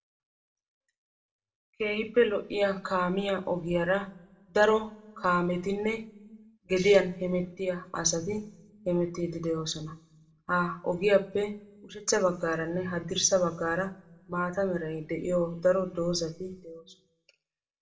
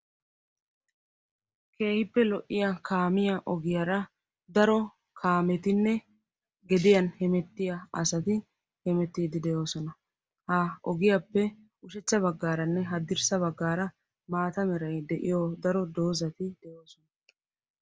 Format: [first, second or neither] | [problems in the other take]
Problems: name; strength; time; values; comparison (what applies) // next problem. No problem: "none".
second | room echo; dies away in 0.4 s